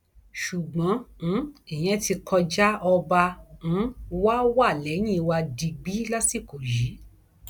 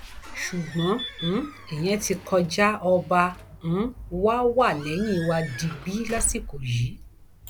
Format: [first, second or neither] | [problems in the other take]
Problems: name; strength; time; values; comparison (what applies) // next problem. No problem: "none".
first | background sound (Squeak / Slam / Alarm / Wood); 14 dB below the speech